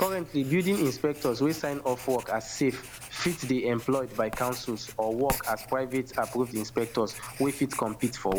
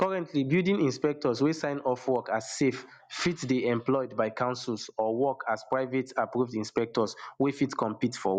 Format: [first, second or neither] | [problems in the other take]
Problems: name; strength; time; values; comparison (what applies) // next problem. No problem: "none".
second | background sound (Writing); 13 dB below the speech